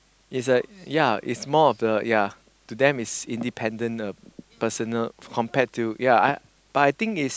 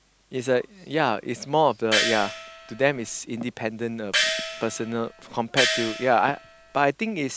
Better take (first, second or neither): first